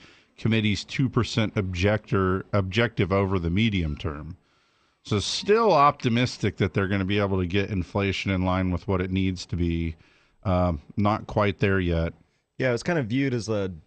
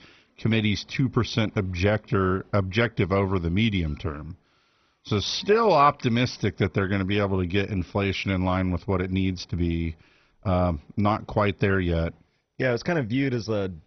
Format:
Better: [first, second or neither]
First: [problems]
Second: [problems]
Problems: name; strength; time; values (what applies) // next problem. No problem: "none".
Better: first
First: garbled, watery; slightly; nothing above 8.5 kHz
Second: garbled, watery; badly; nothing above 6 kHz